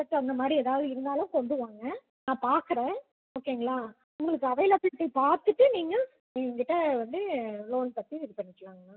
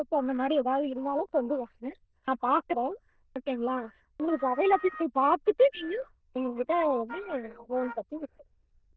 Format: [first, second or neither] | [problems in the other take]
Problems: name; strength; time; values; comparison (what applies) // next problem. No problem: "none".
first | noise reduction (neural diffusion model UNIVERSE++)